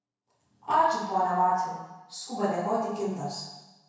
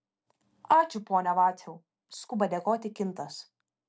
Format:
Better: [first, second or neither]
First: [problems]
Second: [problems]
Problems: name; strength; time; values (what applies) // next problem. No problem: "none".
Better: second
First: room echo; dies away in 1 s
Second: none